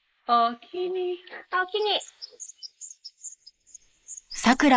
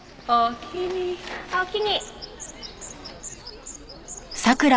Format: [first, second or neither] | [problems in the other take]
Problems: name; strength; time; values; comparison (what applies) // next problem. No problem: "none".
second | noise reduction (neural mask model Resemble Enhance denoiser)